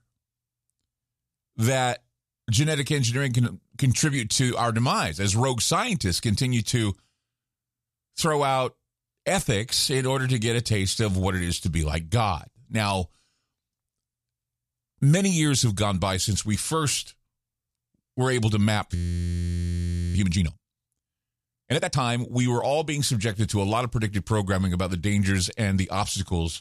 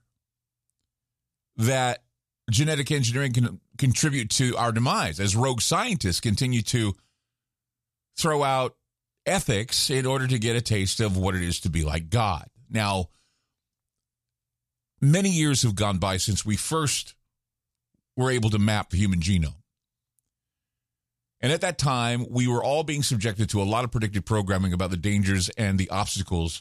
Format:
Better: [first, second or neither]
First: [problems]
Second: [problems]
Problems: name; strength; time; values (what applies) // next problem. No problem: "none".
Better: second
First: audio freezing; at 19 s for 1 s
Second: none